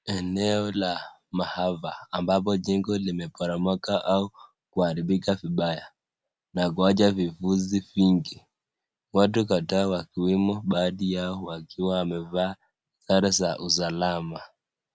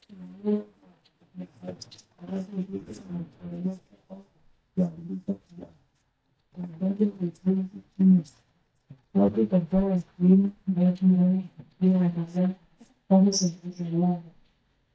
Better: first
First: none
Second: noise reduction (neural mask model DeepFilterNet 3)

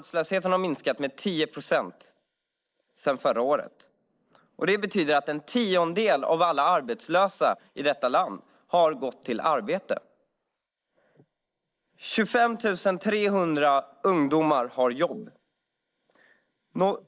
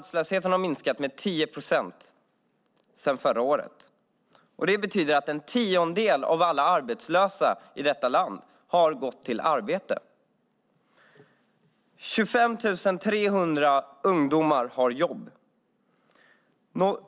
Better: second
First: noise reduction (neural mask model Resemble Enhance denoiser)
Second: none

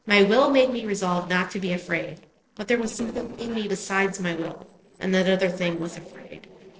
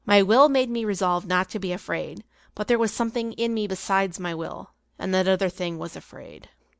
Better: second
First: noise reduction (neural separator model SepFormer DNS4)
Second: none

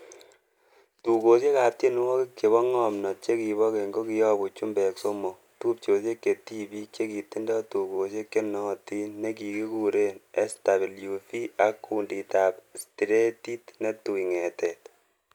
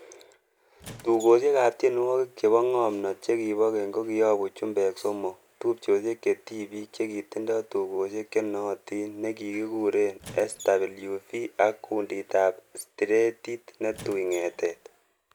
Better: first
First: none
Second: background sound (Squeak); 20 dB below the speech

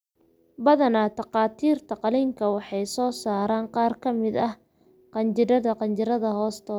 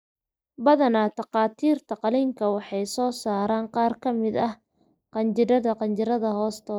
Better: first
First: none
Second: noise reduction (neural mask model Resemble Enhance denoiser)

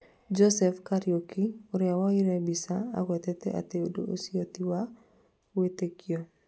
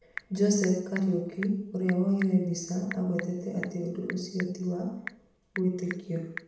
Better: first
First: none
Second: background sound (Telephone / Typing); 15 dB below the speech // room echo; dies away in 0.7 s

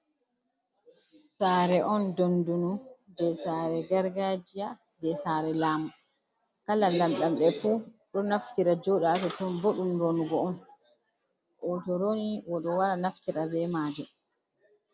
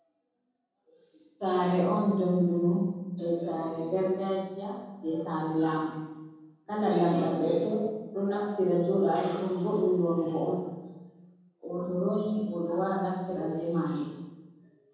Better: first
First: none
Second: room echo; dies away in 1.3 s

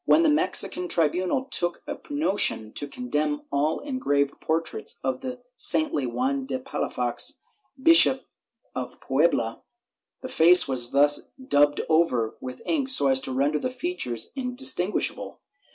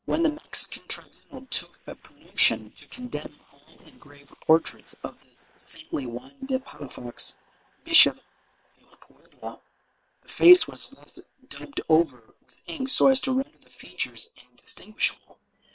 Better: first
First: none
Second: noise reduction (neural separator model SepFormer WHAM!)

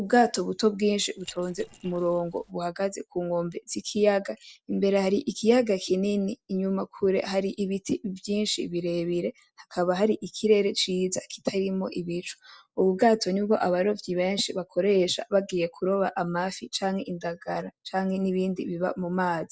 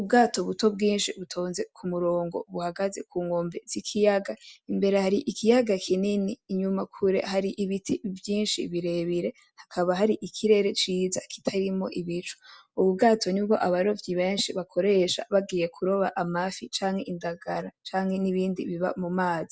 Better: second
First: noise reduction (neural separator model SepFormer DNS4)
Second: none

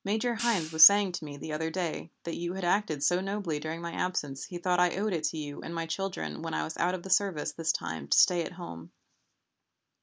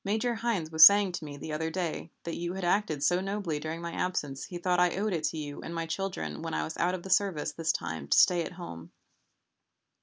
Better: second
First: background sound (Hi-hat); 12 dB below the speech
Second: none

